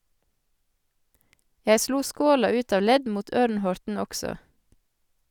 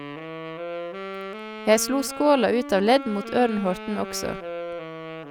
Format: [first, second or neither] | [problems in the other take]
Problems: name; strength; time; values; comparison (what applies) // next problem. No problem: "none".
first | background sound (Wind instrument, woodwind instrument); 10 dB below the speech